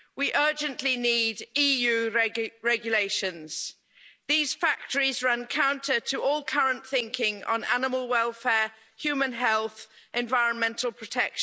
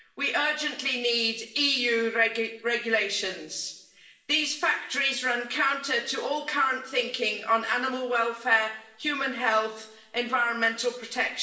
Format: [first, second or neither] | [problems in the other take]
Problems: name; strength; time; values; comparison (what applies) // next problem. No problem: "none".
first | room echo; dies away in 0.9 s